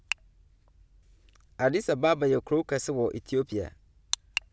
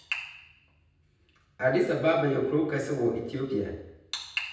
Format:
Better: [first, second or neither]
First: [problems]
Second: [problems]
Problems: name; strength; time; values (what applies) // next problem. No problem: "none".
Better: first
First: none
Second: room echo; dies away in 0.9 s